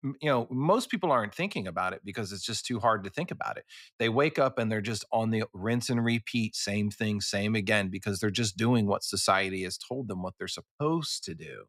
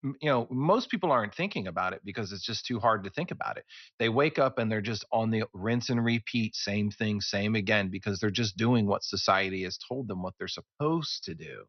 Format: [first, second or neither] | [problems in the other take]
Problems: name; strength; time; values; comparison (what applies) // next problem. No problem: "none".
first | garbled, watery; slightly; nothing above 6 kHz